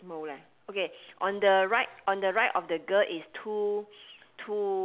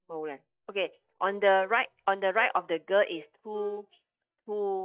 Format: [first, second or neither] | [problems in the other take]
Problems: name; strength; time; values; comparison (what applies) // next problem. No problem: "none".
first | noise reduction (neural mask model DeepFilterNet 3)